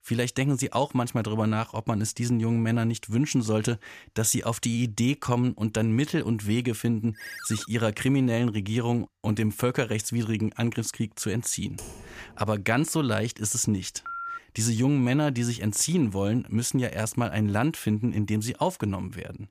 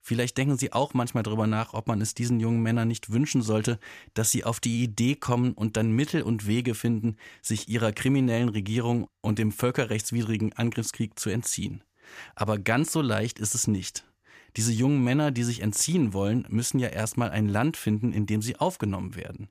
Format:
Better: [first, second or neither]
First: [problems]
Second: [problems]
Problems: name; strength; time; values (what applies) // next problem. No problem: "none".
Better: second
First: phone ringing; faint; at 7 s; peak 10 dB below the speech // keyboard typing; faint; at 12 s; peak 15 dB below the speech // phone ringing; noticeable; at 14 s; peak 8 dB below the speech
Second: none